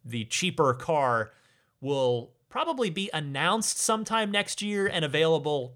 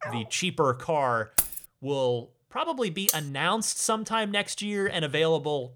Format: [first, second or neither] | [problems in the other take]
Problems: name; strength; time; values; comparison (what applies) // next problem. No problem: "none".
first | dog barking; faint; at the start; peak 10 dB below the speech // jangling keys; loud; at 1.5 s; peak 2 dB above the speech // clattering dishes; loud; at 3 s; peak 1 dB above the speech